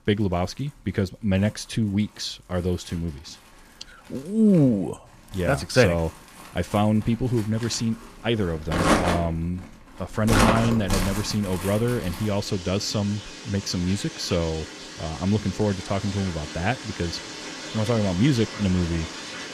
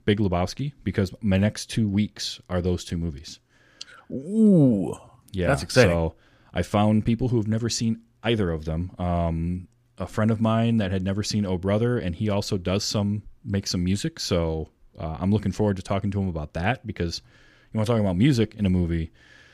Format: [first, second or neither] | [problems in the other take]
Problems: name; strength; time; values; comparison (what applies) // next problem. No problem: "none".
second | household noises; loud; throughout; 5 dB below the speech